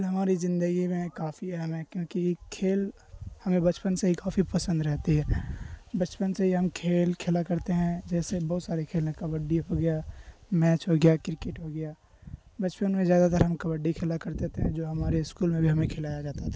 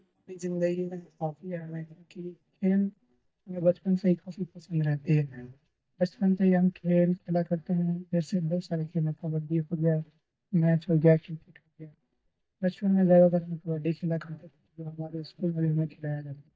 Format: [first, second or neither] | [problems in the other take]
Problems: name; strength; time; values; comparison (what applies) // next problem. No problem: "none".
first | noise reduction (neural mask model DeepFilterNet 3)